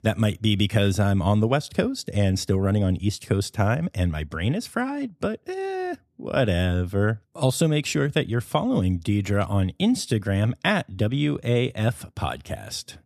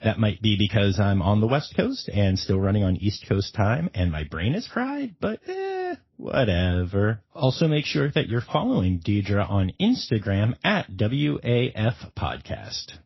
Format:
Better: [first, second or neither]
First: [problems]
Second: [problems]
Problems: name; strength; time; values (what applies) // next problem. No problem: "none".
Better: first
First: none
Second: garbled, watery; slightly; nothing above 5.5 kHz